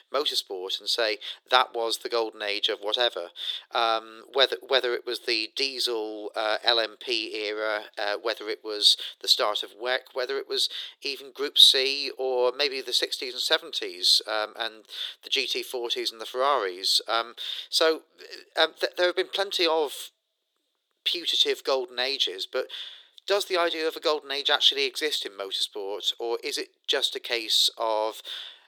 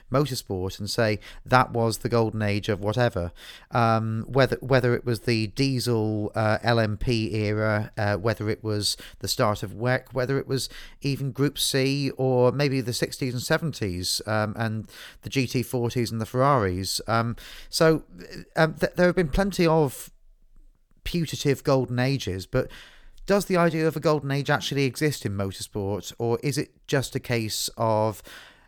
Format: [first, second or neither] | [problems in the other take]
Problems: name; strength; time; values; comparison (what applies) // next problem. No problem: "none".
second | thin; very; fading below 350 Hz